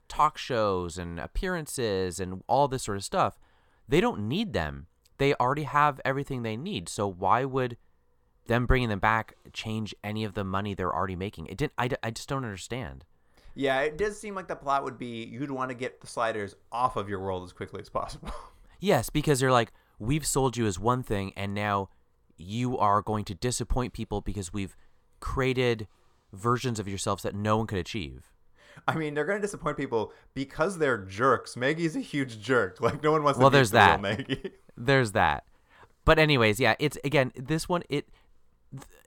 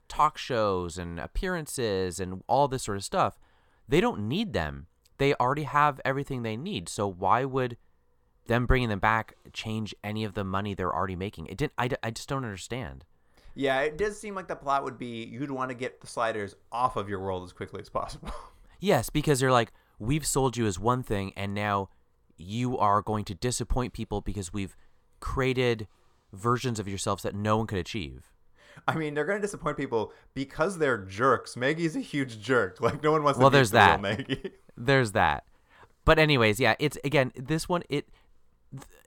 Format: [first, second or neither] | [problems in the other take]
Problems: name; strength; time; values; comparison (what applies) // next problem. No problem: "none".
neither | none